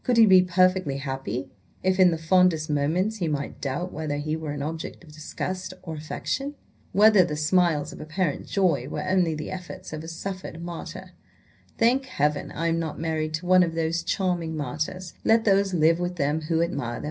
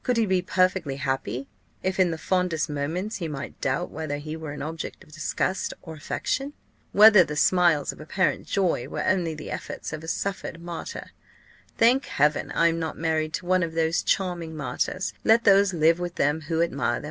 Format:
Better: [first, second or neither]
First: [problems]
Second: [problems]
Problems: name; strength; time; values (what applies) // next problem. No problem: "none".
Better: second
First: room echo; dies away in 0.4 s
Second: none